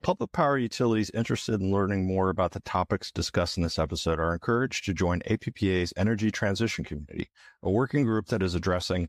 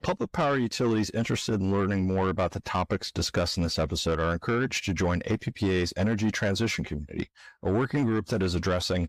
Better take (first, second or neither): first